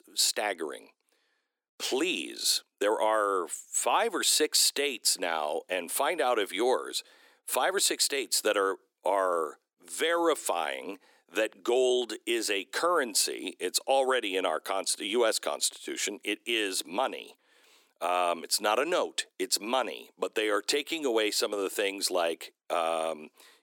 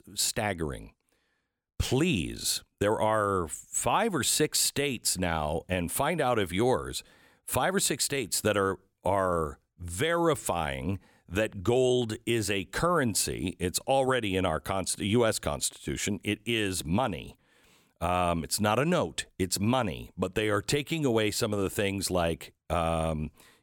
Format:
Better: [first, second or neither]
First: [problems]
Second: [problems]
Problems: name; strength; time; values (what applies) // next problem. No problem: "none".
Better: second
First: thin; somewhat; fading below 300 Hz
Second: none